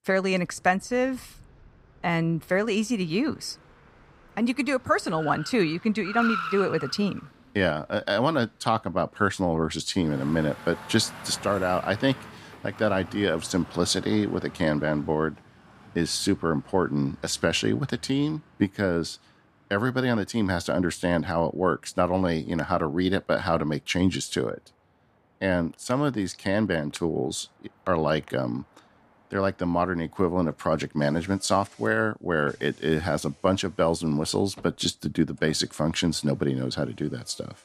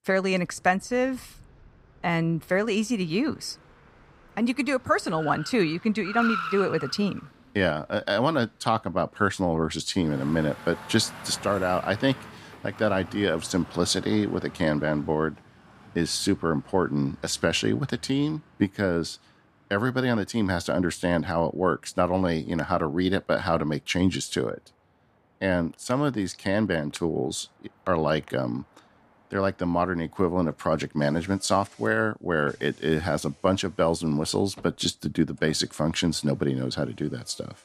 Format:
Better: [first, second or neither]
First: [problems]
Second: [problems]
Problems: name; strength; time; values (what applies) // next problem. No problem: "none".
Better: neither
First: traffic noise; noticeable; throughout; 15 dB below the speech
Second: traffic noise; noticeable; throughout; 15 dB below the speech